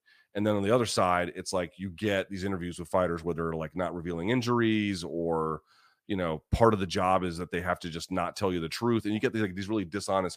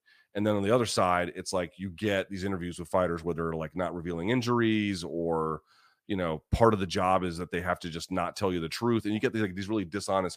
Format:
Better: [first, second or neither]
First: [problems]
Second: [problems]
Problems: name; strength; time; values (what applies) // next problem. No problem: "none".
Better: neither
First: none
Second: none